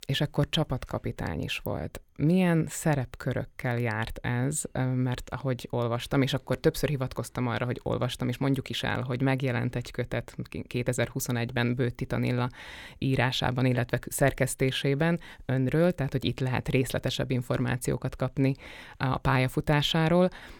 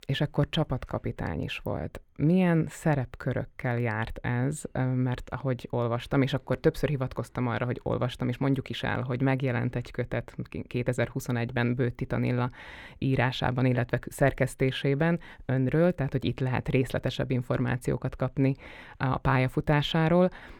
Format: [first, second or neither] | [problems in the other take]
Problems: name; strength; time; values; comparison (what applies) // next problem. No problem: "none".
first | muffled; slightly; fading above 3.5 kHz